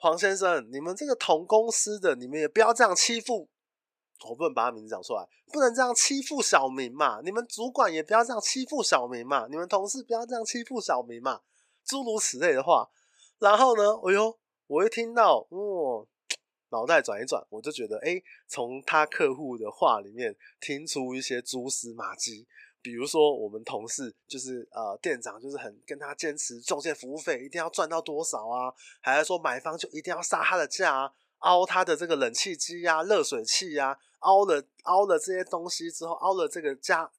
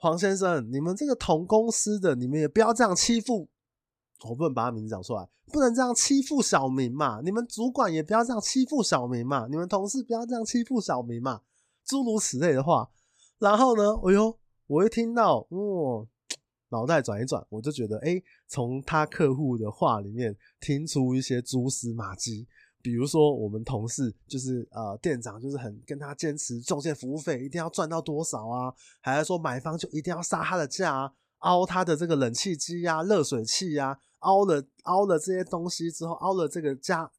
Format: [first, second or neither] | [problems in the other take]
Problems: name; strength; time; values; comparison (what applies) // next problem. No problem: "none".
second | thin; somewhat; fading below 500 Hz